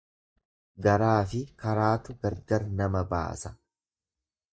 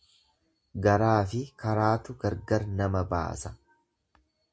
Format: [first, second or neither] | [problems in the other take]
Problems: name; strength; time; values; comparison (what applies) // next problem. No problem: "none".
second | noise reduction (neural mask model DeepFilterNet 3)